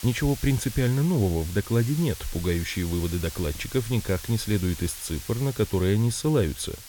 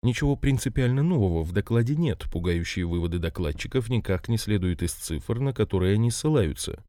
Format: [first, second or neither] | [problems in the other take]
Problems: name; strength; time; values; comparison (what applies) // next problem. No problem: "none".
second | hiss; noticeable; throughout; 15 dB below the speech